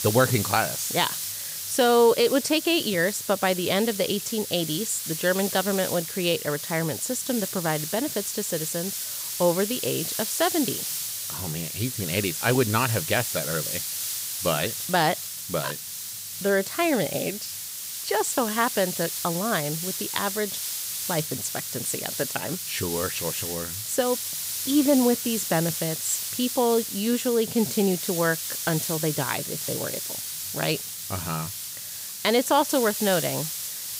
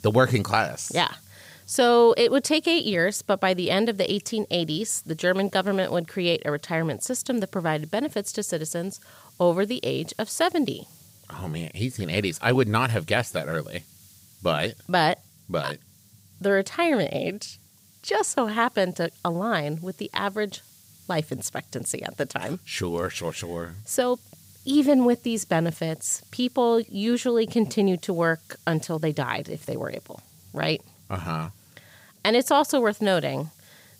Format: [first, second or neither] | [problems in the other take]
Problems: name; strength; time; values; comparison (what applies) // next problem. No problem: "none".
second | hiss; loud; throughout; 4 dB below the speech; faint in the second